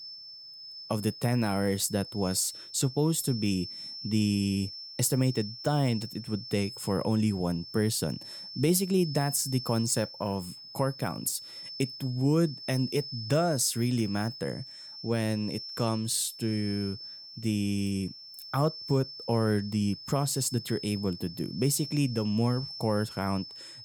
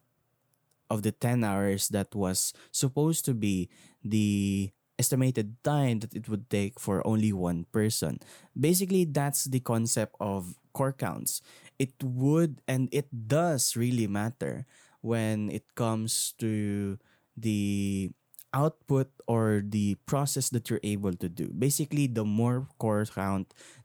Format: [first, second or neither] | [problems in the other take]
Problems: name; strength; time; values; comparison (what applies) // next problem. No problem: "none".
second | high-pitched whine; noticeable; throughout; 5.5 kHz, 10 dB below the speech